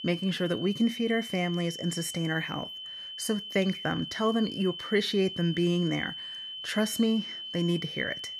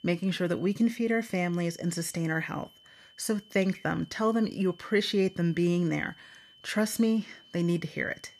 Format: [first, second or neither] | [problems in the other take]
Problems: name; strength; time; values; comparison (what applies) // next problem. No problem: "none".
second | high-pitched whine; loud; throughout; 3 kHz, 8 dB below the speech; faint in the second